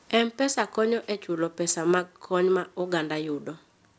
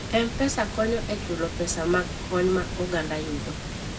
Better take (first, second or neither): first